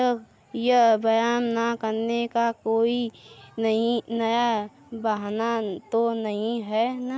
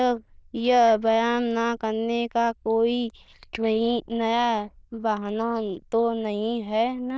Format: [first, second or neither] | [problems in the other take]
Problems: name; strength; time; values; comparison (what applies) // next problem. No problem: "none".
first | noise reduction (neural diffusion model UNIVERSE++)